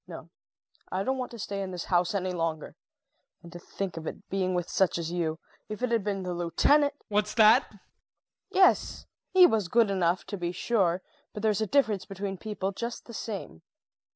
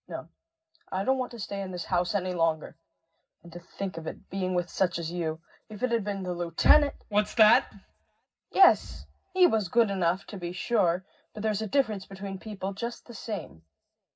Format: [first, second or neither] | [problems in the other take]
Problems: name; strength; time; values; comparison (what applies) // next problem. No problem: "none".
first | room echo; dies away in 0.4 s